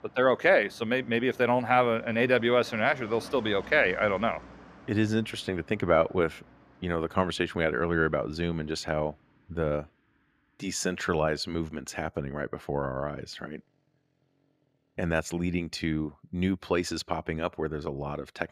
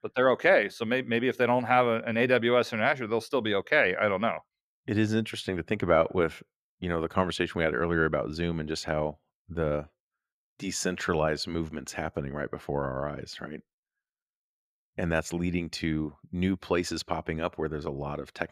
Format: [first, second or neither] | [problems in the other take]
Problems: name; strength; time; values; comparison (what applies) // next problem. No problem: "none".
second | traffic noise; faint; throughout; 20 dB below the speech